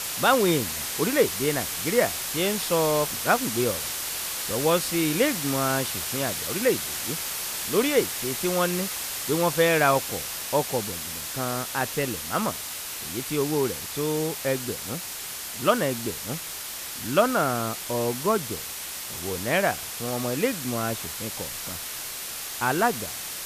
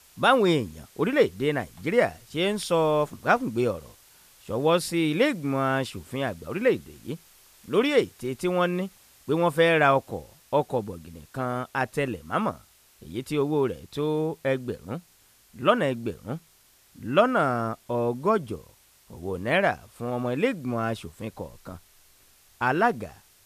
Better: second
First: hiss; loud; throughout; 4 dB below the speech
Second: hiss; faint; throughout; 30 dB below the speech

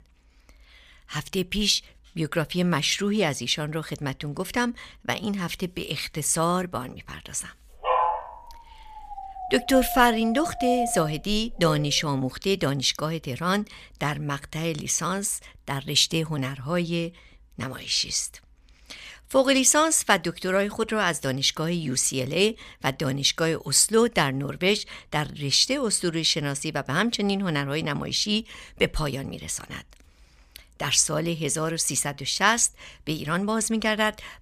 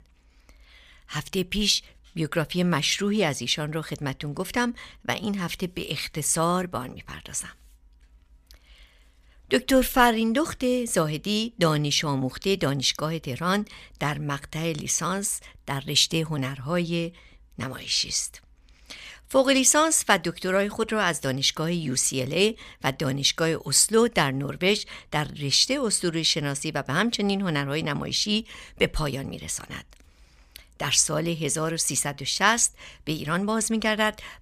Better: second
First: dog barking; loud; from 8 to 12 s; peak 1 dB above the speech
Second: none

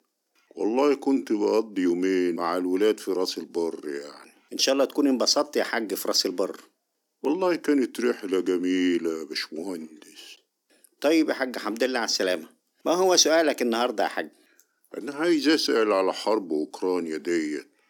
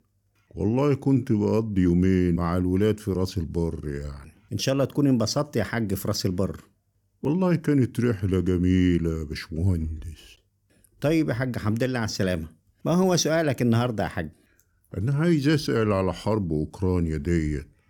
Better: second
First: thin; somewhat; fading below 250 Hz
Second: none

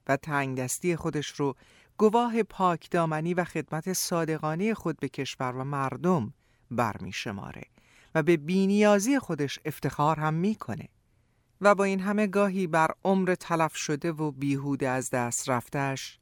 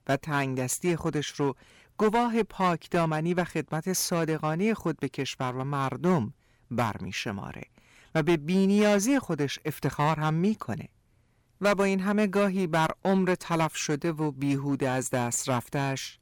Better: first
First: none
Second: distortion; slight; 6% of the sound clipped

